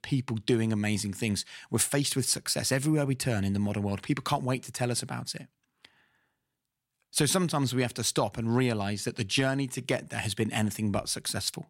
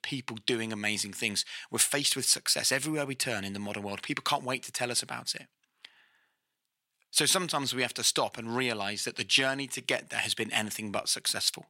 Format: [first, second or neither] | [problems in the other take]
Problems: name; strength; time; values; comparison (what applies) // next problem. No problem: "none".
first | thin; somewhat; fading below 650 Hz